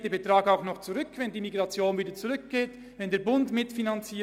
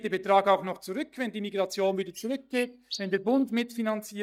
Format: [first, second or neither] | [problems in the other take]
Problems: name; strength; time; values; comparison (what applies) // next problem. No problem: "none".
first | noise reduction (neural mask model DeepFilterNet 3)